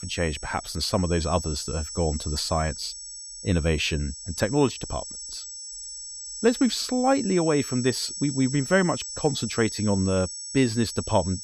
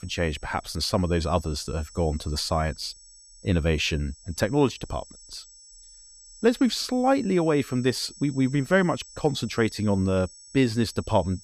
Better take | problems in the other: second | high-pitched whine; loud; throughout; 8 kHz, 8 dB below the speech; faint in the second

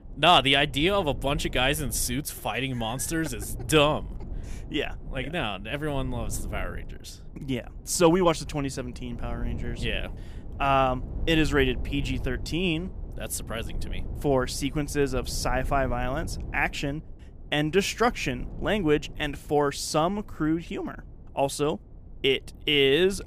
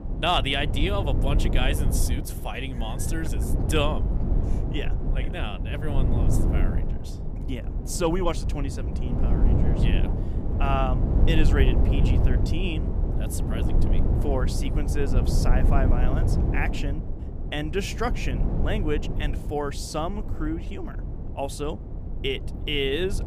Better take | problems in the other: first | low rumble; loud; throughout; 7 dB below the speech; faint in the first

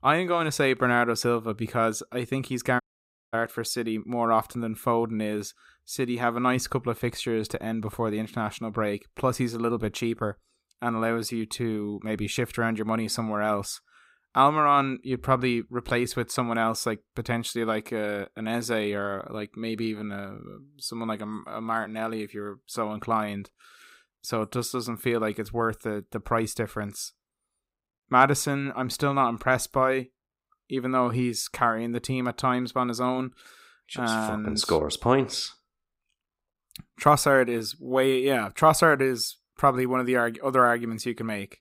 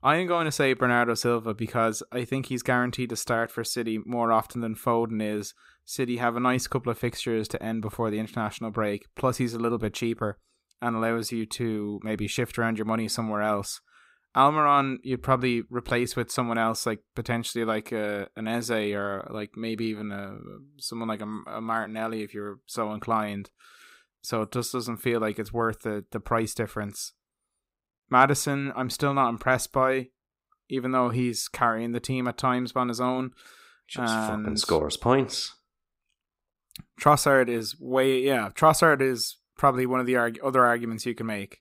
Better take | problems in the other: second | audio cutting out; at 3 s for 0.5 s

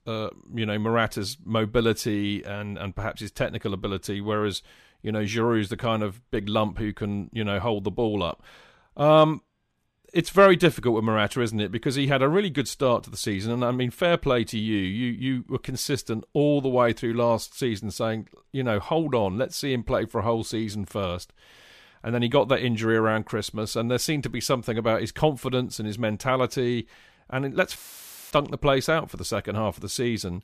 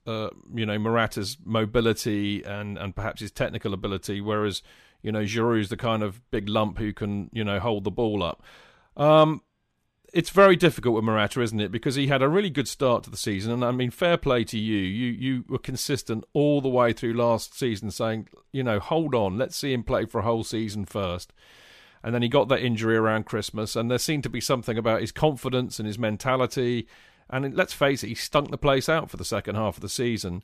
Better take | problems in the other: second | audio cutting out; filled with static; at 28 s for 0.5 s

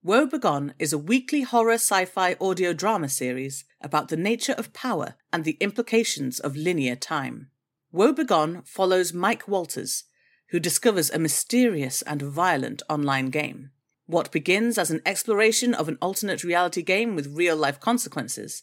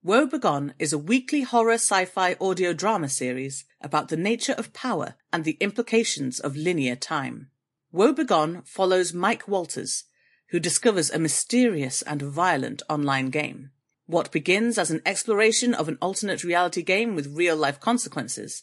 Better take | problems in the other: first | garbled, watery; slightly; nothing above 11 kHz

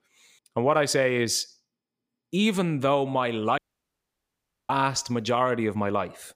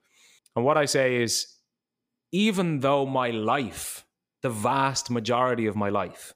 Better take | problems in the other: second | audio cutting out; at 3.5 s for 1 s

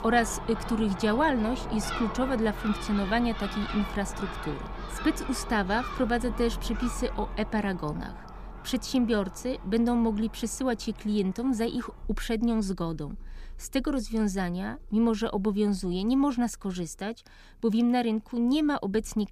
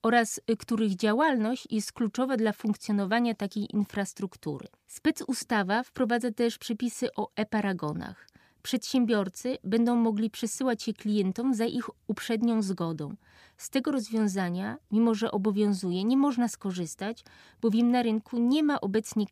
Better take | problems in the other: second | animal sounds; noticeable; throughout; 10 dB below the speech

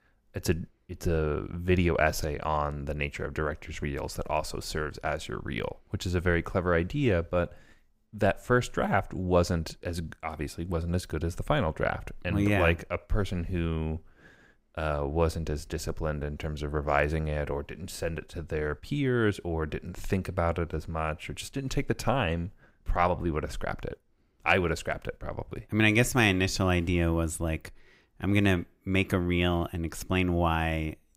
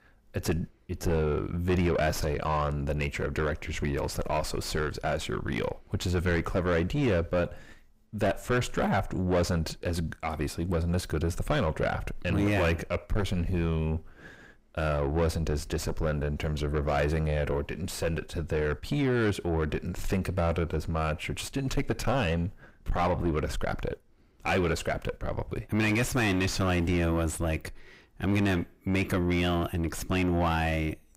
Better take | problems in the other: first | distortion; heavy; 6 dB below the speech

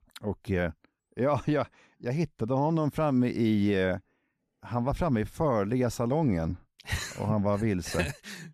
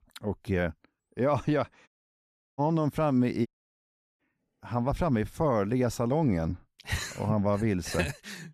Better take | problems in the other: first | audio cutting out; at 2 s for 0.5 s and at 3.5 s for 0.5 s

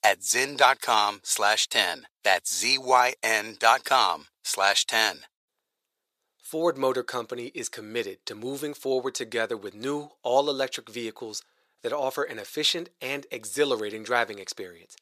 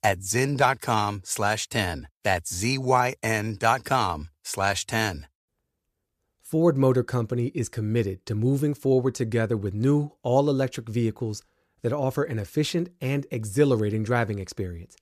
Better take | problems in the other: second | thin; very; fading below 600 Hz

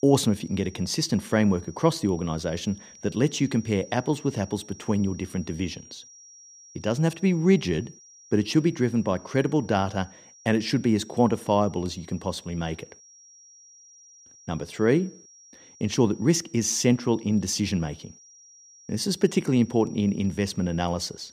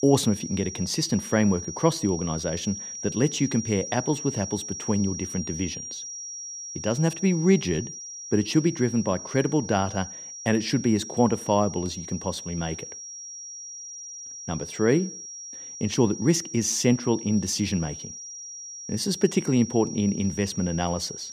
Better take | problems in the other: first | high-pitched whine; loud; throughout; 5.5 kHz, 10 dB below the speech; faint in the first

